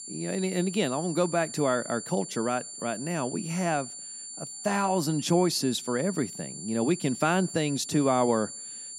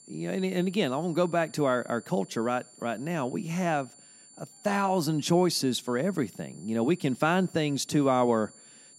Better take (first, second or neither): second